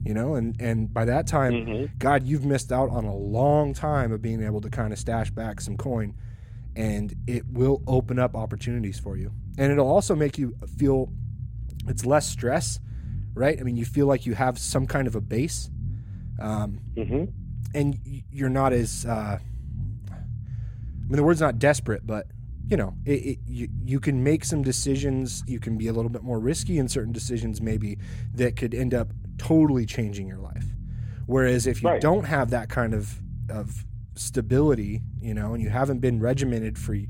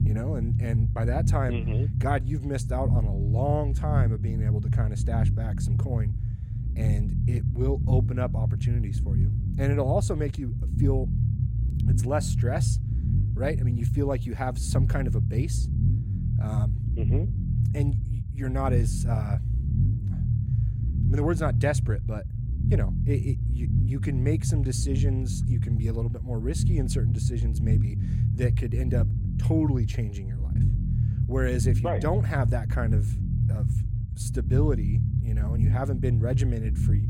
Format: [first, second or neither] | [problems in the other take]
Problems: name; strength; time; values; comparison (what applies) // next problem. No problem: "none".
first | low rumble; loud; throughout; 6 dB below the speech; faint in the first